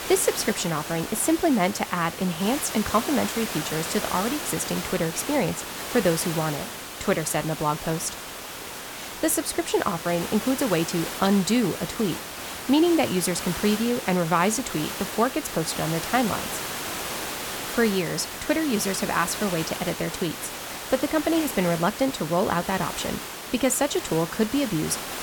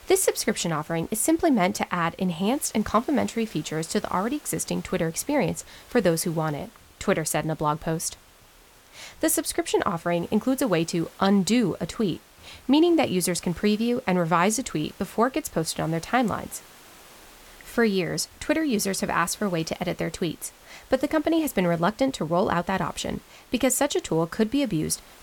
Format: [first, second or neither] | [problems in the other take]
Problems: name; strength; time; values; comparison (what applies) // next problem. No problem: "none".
second | hiss; loud; throughout; 7 dB below the speech; faint in the second